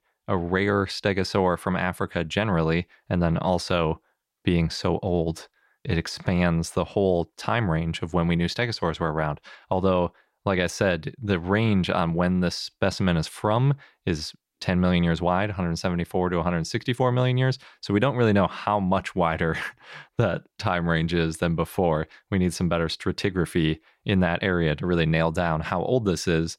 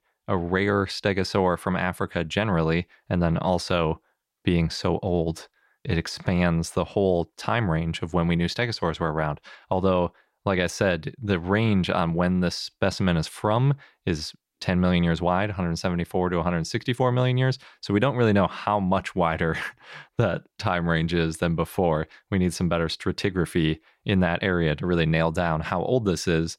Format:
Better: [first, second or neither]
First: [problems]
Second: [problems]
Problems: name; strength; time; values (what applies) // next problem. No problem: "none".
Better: neither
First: none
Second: none